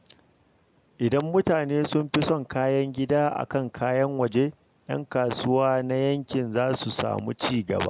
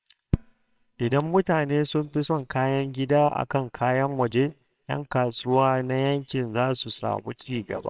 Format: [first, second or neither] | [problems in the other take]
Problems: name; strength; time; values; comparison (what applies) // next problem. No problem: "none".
first | noise reduction (neural separator model SepFormer WHAMR!)